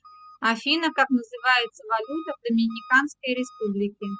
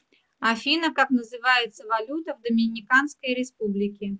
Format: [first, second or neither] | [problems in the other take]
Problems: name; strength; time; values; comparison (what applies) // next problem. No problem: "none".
second | noise reduction (classical method spectral subtraction)